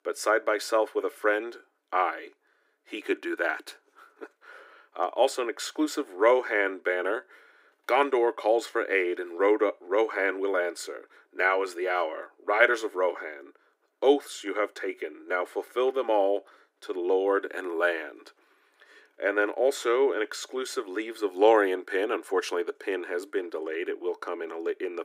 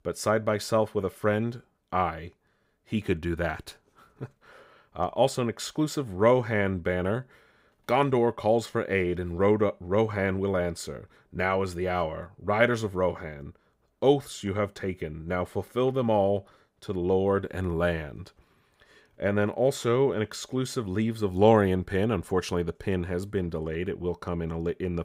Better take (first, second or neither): second